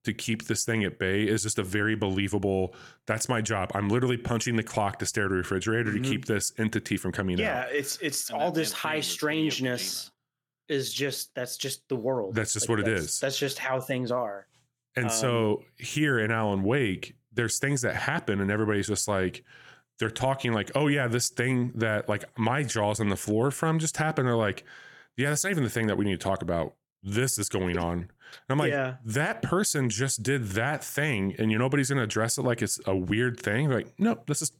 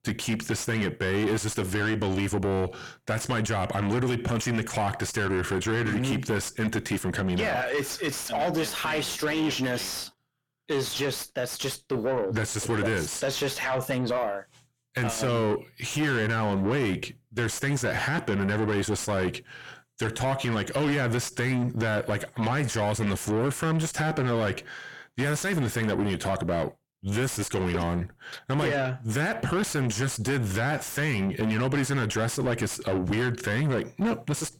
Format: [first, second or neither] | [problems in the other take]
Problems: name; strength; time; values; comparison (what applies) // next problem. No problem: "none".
first | distortion; heavy; 7 dB below the speech